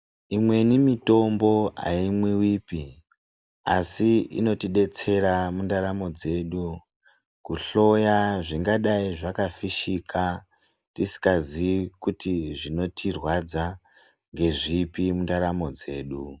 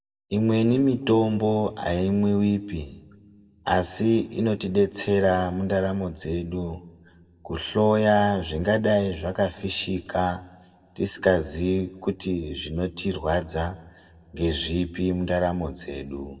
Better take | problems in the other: first | room echo; dies away in 0.8 s

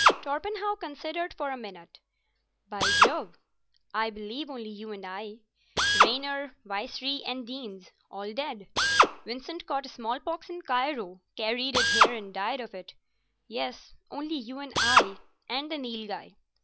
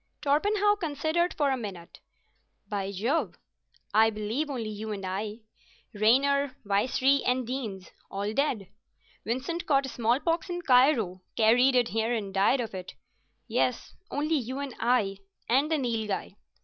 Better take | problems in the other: second | background sound (Drill); 4 dB above the speech

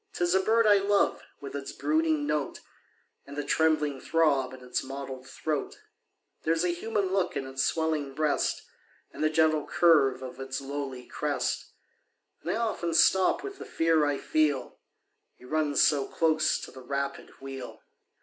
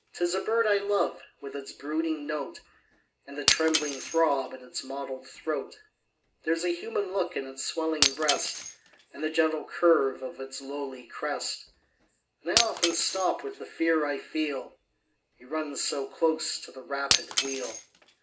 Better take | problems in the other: first | background sound (Shatter); 6 dB below the speech // room echo; dies away in 0.2 s

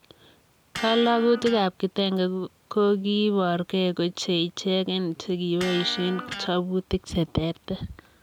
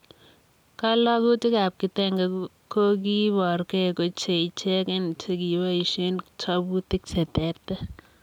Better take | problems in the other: second | background sound (Electric guitar); 14 dB below the speech

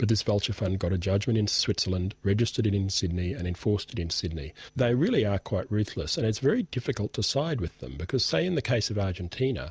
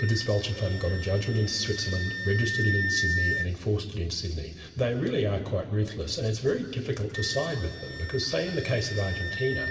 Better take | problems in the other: first | background sound (Wind instrument, woodwind instrument); 7 dB below the speech // room echo; dies away in 2.5 s

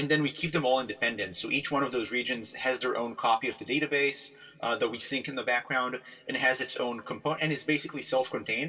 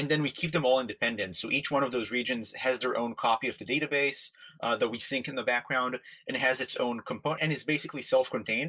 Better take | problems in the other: second | room echo; dies away in 1.9 s

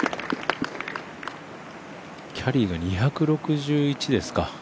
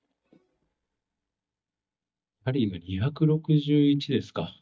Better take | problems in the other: first | noise reduction (neural mask model DeepFilterNet 3)

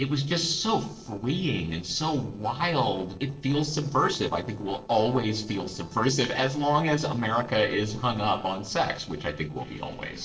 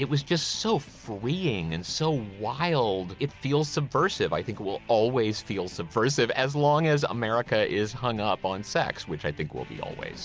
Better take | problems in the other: second | noise reduction (neural separator model SepFormer DNS4)

